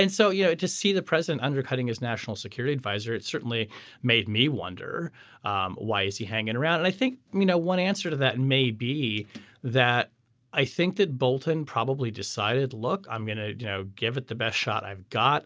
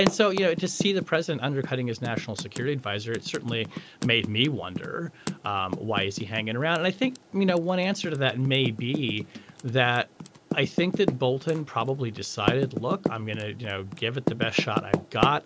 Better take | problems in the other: first | background sound (Typing); 7 dB below the speech

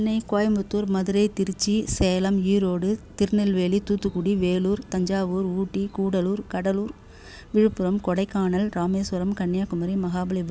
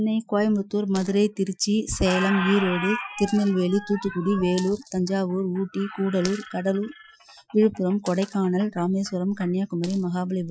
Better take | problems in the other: first | noise reduction (classical method Wiener filter)

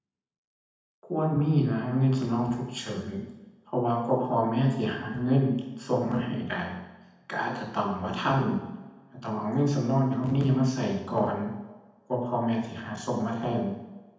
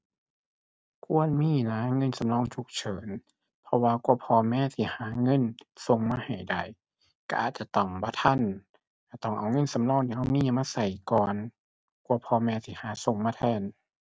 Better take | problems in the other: second | room echo; dies away in 0.9 s

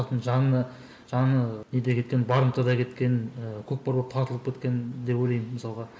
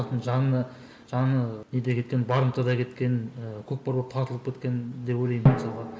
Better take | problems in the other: first | background sound (Drum); 5 dB below the speech

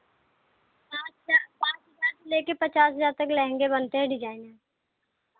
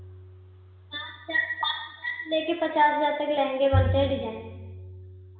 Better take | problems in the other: first | background sound (Bowed string instrument); 6 dB below the speech // room echo; dies away in 1.3 s

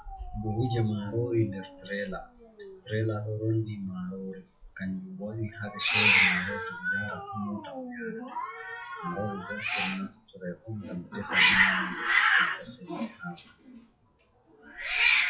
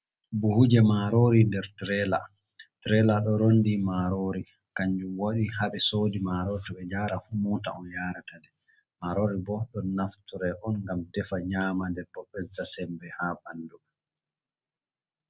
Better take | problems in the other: second | noise reduction (classical method WPE with log-MMSE)

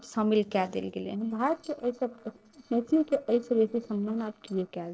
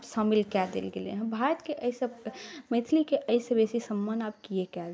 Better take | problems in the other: second | noise reduction (neural separator model SepFormer DNS4)

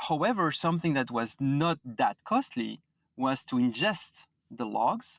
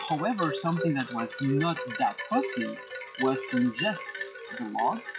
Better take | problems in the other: first | noise reduction (classical method log-MMSE)

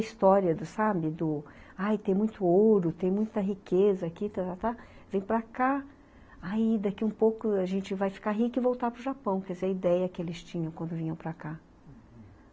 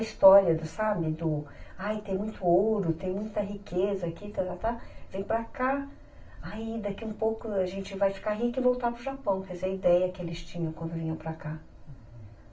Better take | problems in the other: first | room echo; dies away in 0.2 s

